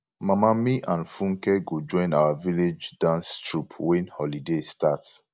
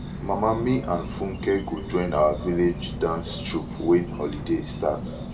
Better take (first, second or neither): first